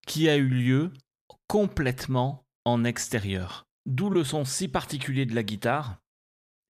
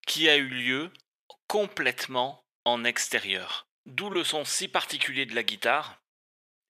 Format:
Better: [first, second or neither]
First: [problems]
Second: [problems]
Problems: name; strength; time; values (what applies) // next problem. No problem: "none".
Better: first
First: none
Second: thin; very; fading below 450 Hz